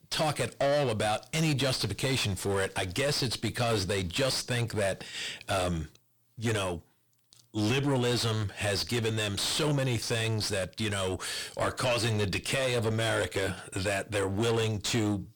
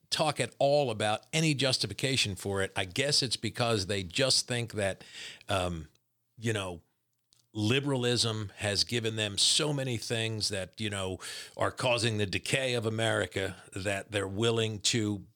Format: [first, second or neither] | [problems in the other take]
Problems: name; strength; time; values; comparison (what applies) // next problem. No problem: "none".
second | distortion; heavy; 5 dB below the speech